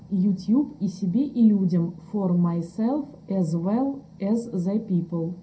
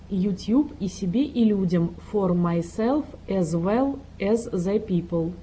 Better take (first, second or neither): second